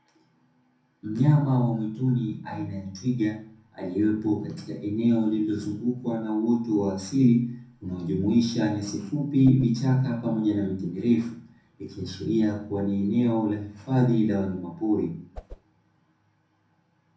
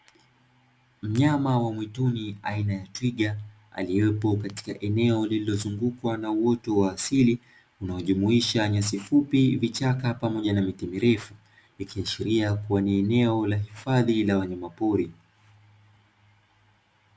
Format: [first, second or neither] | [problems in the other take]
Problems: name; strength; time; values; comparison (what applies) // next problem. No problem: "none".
second | background sound (Whoosh, swoosh, swish); 17 dB below the speech // room echo; dies away in 0.5 s